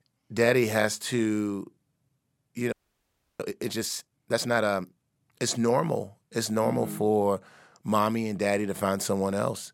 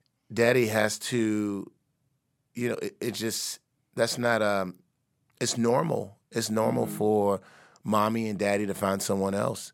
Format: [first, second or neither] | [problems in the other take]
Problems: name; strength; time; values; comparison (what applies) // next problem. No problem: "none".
second | audio freezing; at 2.5 s for 0.5 s